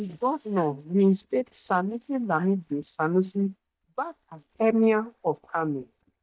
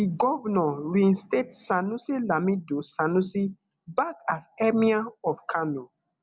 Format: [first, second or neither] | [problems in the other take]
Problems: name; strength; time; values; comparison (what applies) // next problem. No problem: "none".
second | noise reduction (neural mask model DeepFilterNet 3)